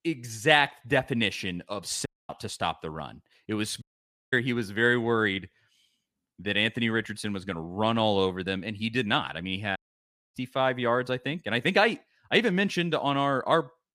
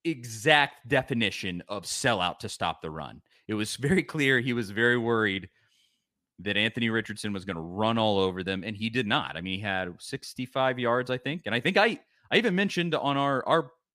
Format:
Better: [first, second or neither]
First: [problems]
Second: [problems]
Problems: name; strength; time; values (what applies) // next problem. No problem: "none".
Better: second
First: audio cutting out; at 2 s, at 4 s for 0.5 s and at 10 s for 0.5 s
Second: none